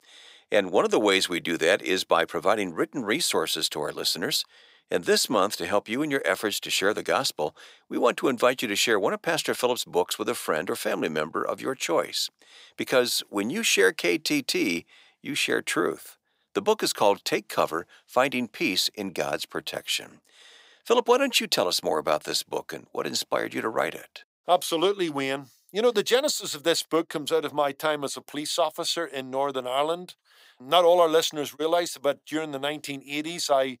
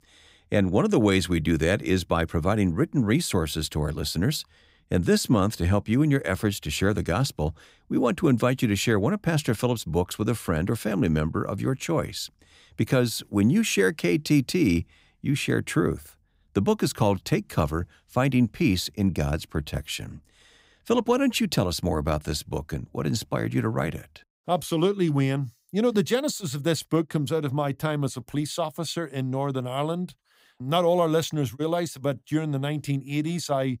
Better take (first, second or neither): second